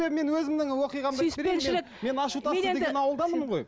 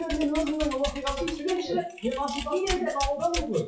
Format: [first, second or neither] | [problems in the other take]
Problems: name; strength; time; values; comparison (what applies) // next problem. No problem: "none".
first | noise reduction (classical method WPE with log-MMSE)